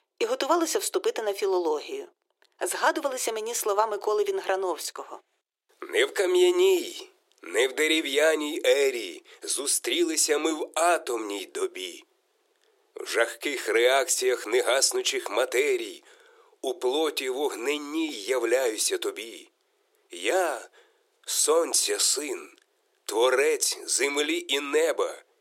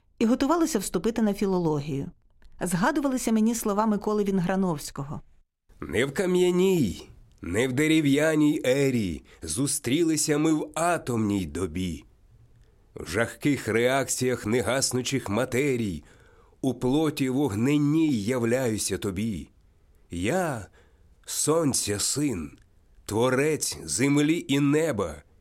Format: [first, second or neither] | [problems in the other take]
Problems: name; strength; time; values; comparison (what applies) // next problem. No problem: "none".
second | thin; very; fading below 350 Hz